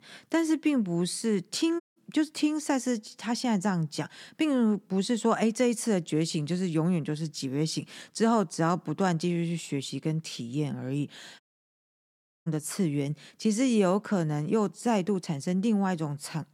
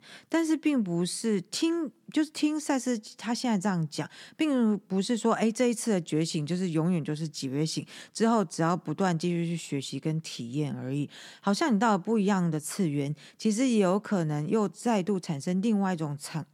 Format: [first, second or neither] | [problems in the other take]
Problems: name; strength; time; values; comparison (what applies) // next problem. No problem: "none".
second | audio cutting out; at 2 s and at 11 s for 1 s